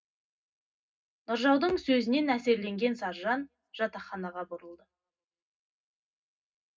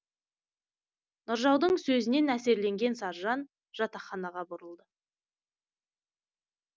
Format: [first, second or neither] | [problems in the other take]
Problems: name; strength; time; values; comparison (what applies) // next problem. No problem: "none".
second | room echo; dies away in 0.4 s